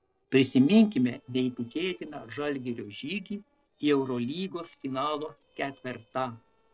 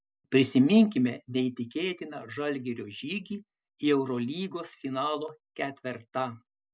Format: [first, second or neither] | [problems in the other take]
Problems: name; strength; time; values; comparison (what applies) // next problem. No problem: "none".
second | noise reduction (neural separator model SepFormer DNS4)